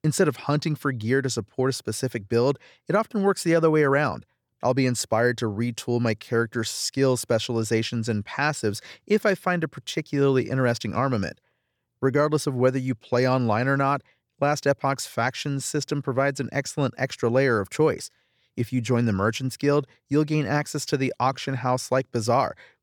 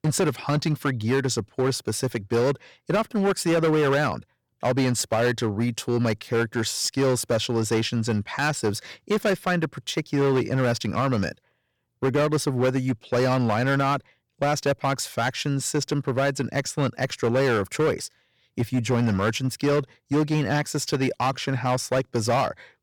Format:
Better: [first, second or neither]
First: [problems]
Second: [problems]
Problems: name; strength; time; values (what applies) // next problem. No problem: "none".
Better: first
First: none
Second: distortion; slight; 11% of the sound clipped